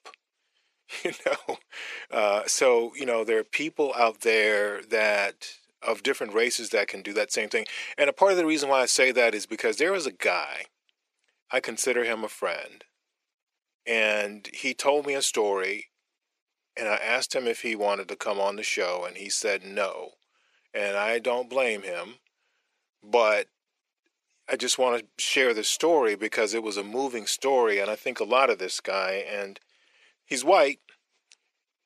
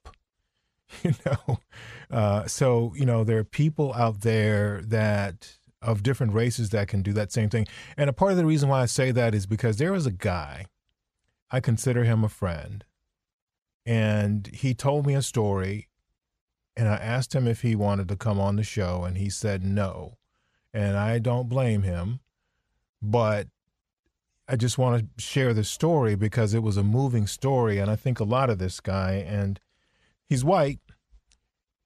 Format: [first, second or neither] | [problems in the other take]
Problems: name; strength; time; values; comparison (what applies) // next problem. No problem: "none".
second | thin; very; fading below 300 Hz